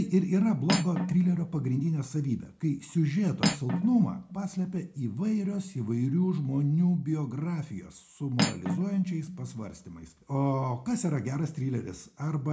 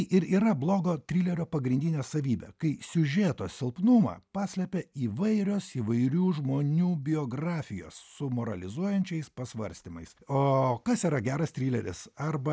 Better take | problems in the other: second | background sound (Cutlery, silverware); 6 dB below the speech // room echo; dies away in 0.3 s

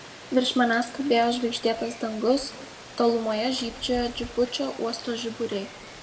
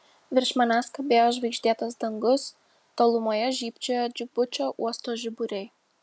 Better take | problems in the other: second | background sound (Rain); 16 dB below the speech // room echo; dies away in 1.2 s

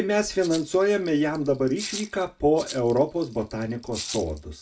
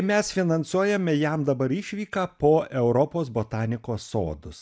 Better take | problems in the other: second | background sound (Rattle (instrument)); 16 dB below the speech // room echo; dies away in 0.2 s

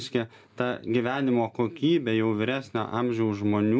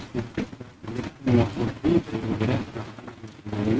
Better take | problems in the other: first | noise reduction (neural mask model RNNoise)

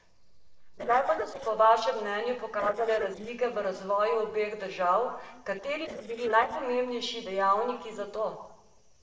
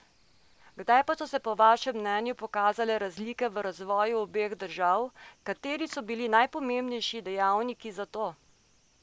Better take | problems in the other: second | noise reduction (neural separator model SepFormer DNS4)

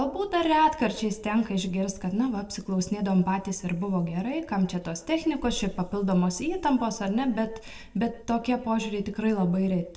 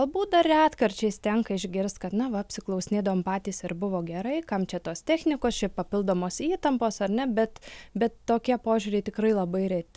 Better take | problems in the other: second | room echo; dies away in 0.6 s

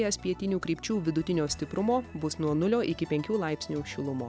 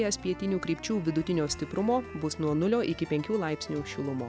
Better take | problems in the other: first | background sound (Wind instrument, woodwind instrument); 18 dB below the speech

